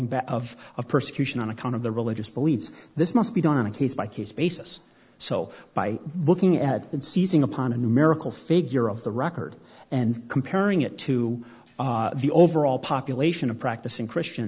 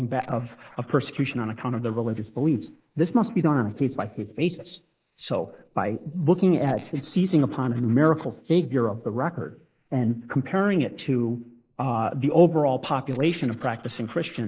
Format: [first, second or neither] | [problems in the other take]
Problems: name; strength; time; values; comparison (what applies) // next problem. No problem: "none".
first | noise reduction (neural mask model Resemble Enhance denoiser)